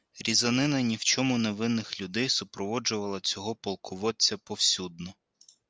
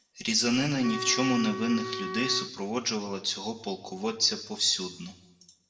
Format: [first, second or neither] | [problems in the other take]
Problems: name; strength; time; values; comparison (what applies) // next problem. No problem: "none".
first | background sound (Wind instrument, woodwind instrument); 8 dB below the speech // room echo; dies away in 0.8 s